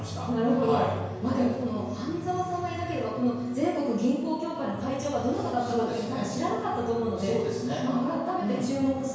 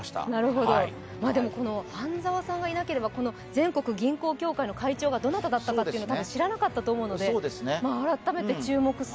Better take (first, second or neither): second